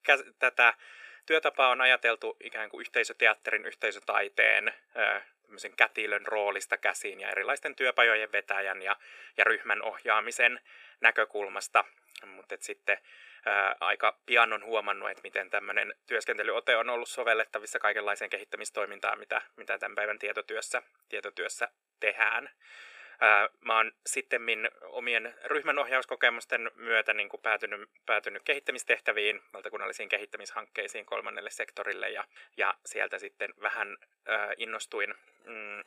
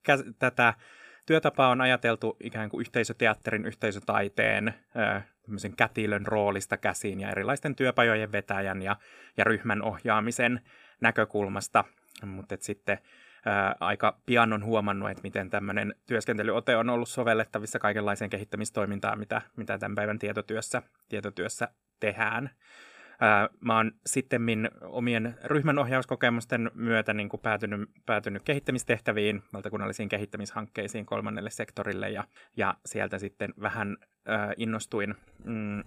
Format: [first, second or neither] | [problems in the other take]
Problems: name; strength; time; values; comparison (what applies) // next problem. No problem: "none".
second | thin; very; fading below 450 Hz